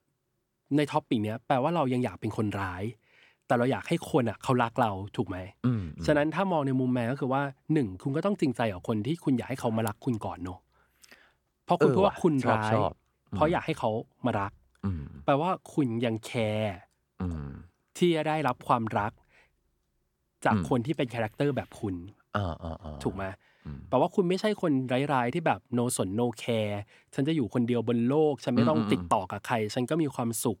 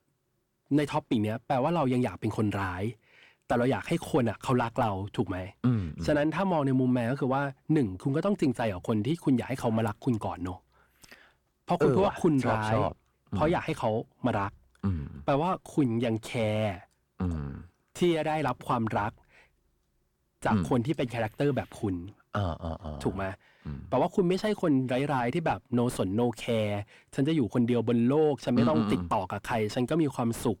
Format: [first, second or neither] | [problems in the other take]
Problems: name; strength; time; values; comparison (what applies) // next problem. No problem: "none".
first | distortion; slight; 10 dB below the speech